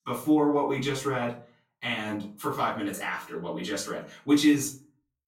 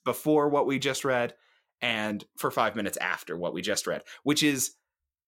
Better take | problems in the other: second | room echo; slight; dies away in 0.3 s // off-mic speech; far

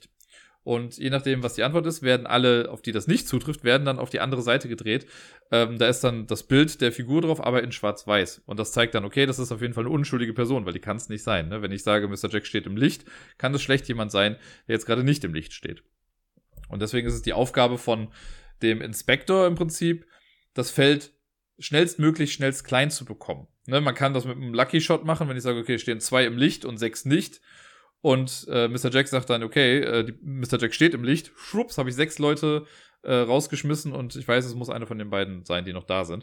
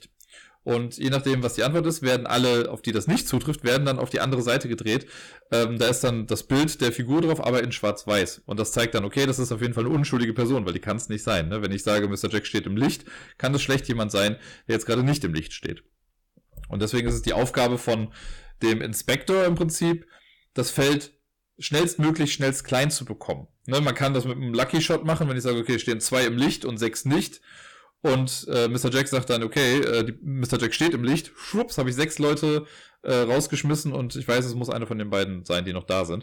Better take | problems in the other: first | distortion; heavy; 10% of the sound clipped

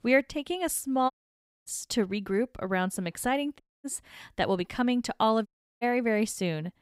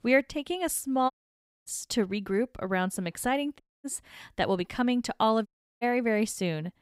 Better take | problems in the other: neither | audio cutting out; at 1 s for 0.5 s, at 3.5 s and at 5.5 s; the same in both

